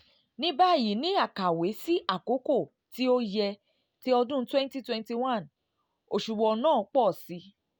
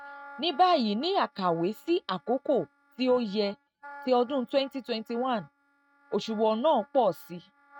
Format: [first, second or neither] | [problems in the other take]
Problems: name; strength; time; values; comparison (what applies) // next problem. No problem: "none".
first | noise reduction (neural mask model RNNoise)